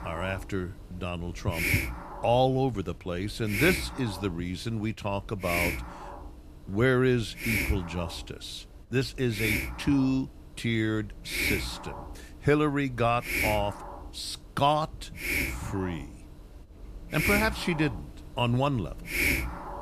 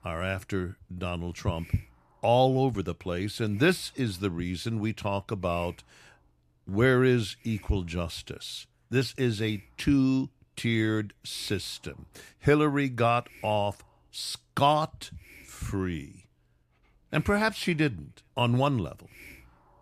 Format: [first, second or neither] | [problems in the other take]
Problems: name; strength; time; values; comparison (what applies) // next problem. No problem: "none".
second | hiss; loud; throughout; 2 dB below the speech; faint in the second